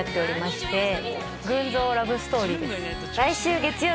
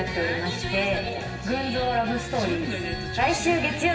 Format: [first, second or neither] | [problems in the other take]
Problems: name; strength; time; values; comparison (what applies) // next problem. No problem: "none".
first | room echo; dies away in 1 s